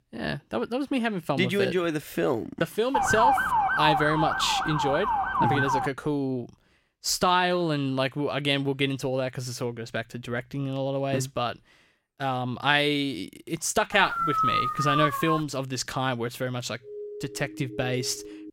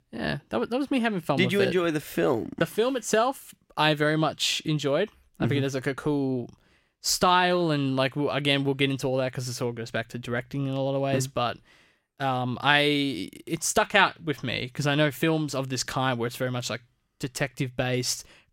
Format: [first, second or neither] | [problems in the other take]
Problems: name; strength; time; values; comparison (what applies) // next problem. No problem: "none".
second | siren; loud; from 3 to 6 s; peak 5 dB above the speech // dog barking; loud; from 14 to 15 s; peak 3 dB above the speech // siren; faint; from 17 s on; peak 10 dB below the speech